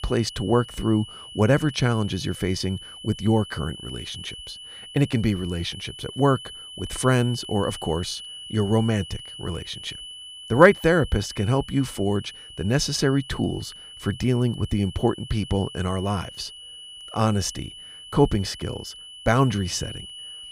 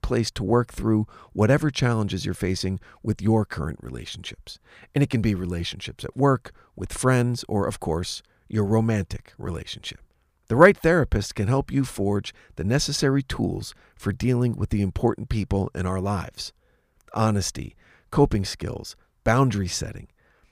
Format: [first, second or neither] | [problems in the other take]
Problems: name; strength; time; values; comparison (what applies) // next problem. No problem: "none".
second | high-pitched whine; noticeable; throughout; 3 kHz, 15 dB below the speech